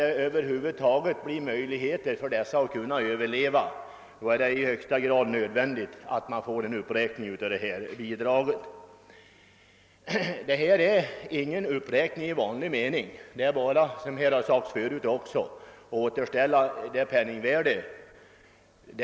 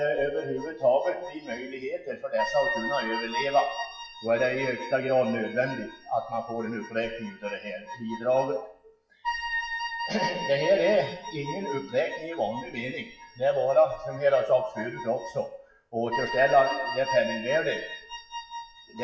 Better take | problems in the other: first | noise reduction (classical method WPE with log-MMSE)

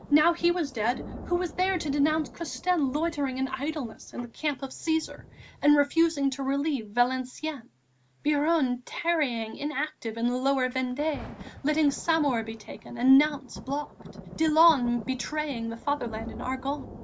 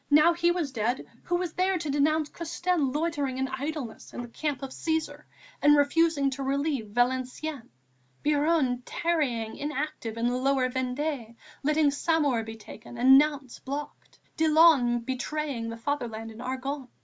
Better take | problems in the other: second | background sound (Thunder); 18 dB below the speech

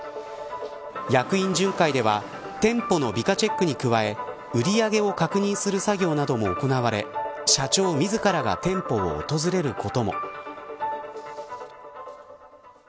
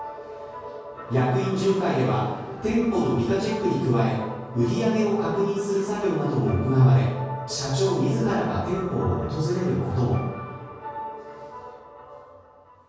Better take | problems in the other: first | room echo; dies away in 1.3 s

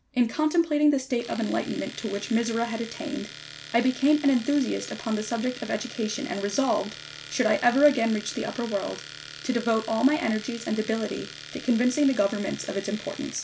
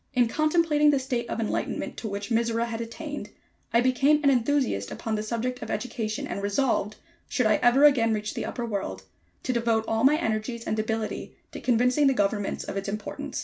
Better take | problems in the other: second | background sound (Domestic sounds, home sounds); 16 dB below the speech

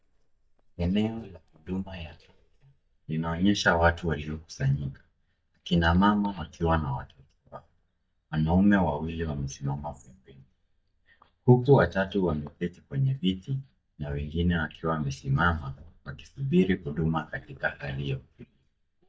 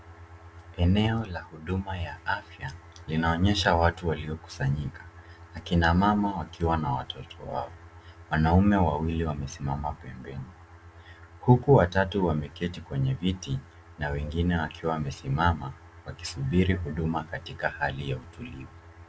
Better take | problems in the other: second | noise reduction (neural mask model DeepFilterNet 3)

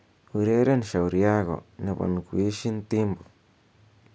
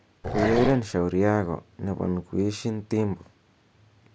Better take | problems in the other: first | background sound (Growling); 3 dB below the speech

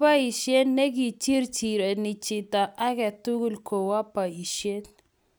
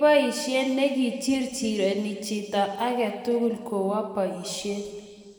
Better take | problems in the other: first | room echo; dies away in 1.9 s

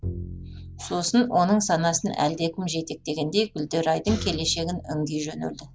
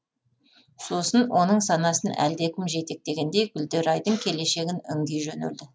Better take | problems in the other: second | background sound (Bowed string instrument); 13 dB below the speech

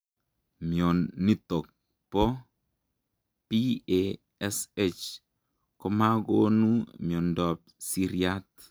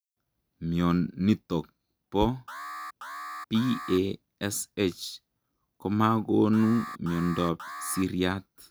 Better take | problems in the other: first | background sound (Alarm); 11 dB below the speech

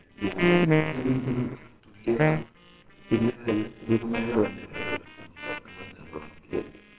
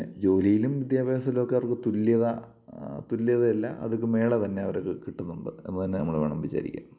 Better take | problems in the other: second | noise reduction (neural separator model SepFormer WHAMR!)

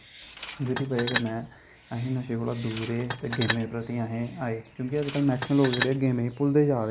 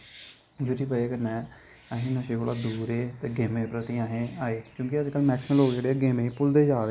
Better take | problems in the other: second | background sound (Tools); 8 dB below the speech

